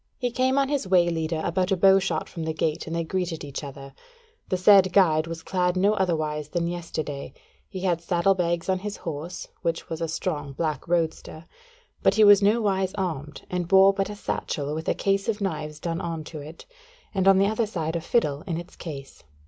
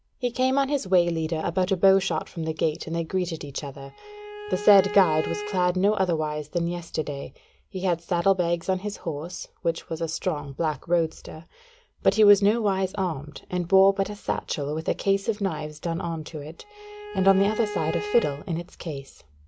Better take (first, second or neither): first